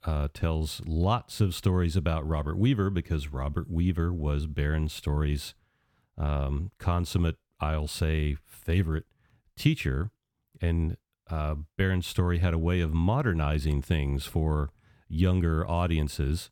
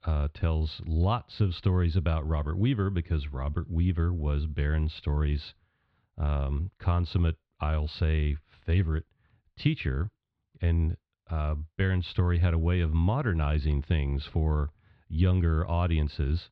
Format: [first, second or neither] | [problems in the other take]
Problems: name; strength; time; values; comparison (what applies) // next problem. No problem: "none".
first | muffled; very slightly; fading above 4 kHz